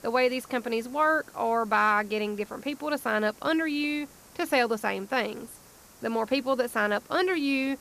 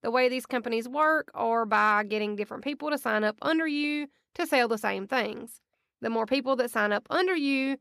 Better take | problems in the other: second | hiss; faint; throughout; 25 dB below the speech

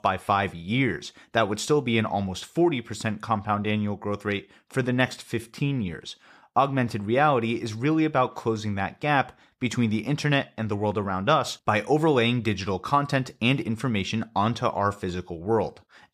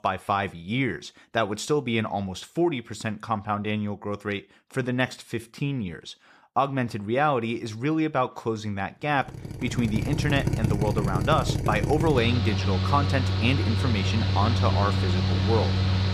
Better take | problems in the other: first | machinery noise; very loud; from 9.5 s on; 1 dB above the speech

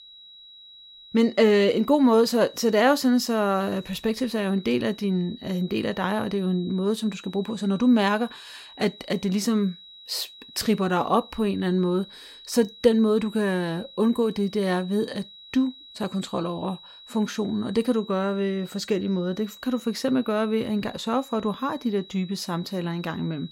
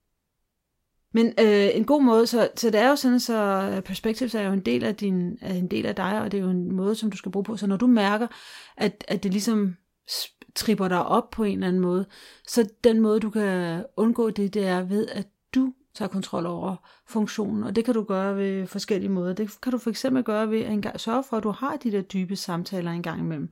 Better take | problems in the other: second | high-pitched whine; noticeable; throughout; 4 kHz, 20 dB below the speech

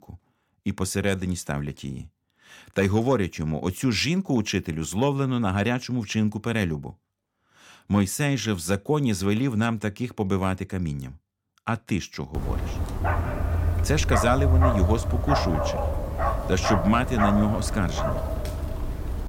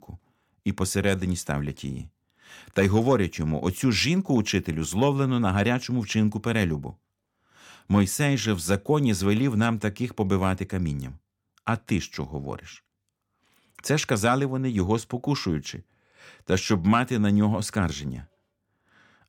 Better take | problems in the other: second | dog barking; loud; from 12 s on; peak 5 dB above the speech

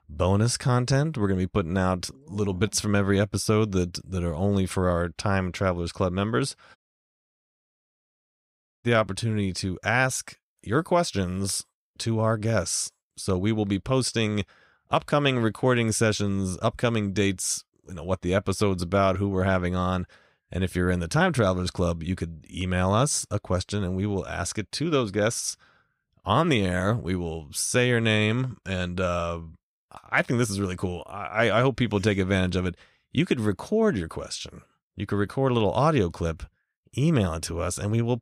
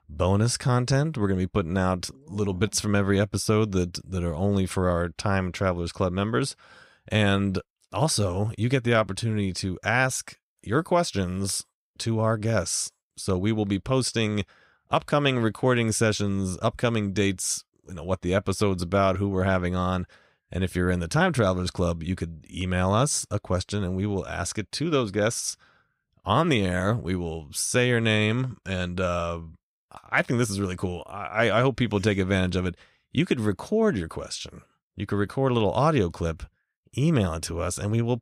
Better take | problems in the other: second | audio cutting out; at 7 s for 2 s

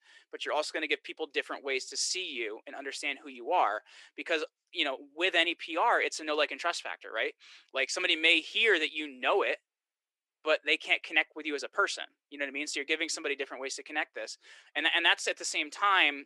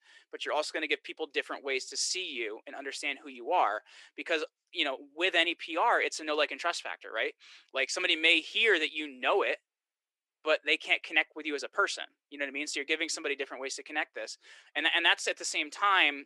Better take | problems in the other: neither | thin; very; fading below 350 Hz; the same in both

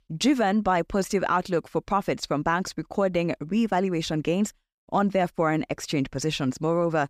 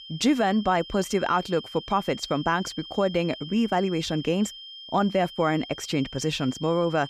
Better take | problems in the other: first | high-pitched whine; noticeable; throughout; 3 kHz, 15 dB below the speech

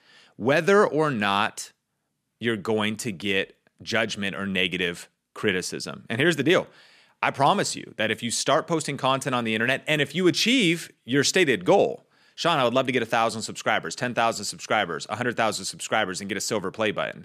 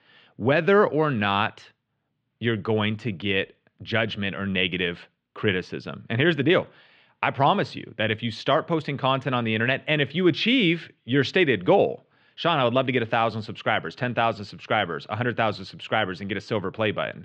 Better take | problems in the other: first | muffled; slightly; fading above 3.5 kHz

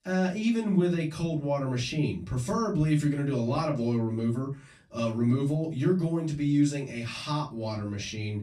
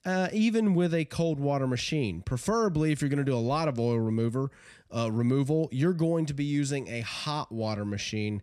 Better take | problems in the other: second | off-mic speech; far // room echo; very slight; dies away in 0.2 s

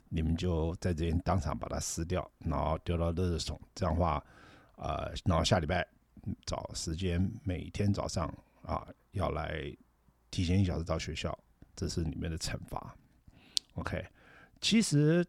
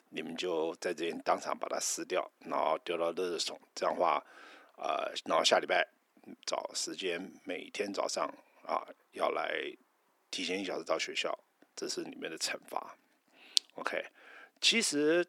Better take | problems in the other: first | thin; very; fading below 350 Hz

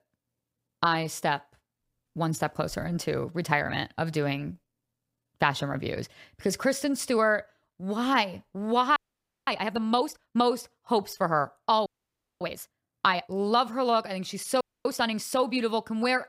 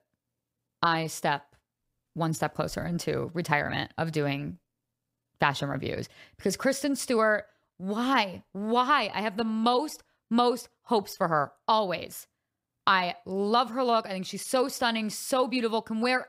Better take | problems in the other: second | audio freezing; at 9 s for 0.5 s, at 12 s for 0.5 s and at 15 s

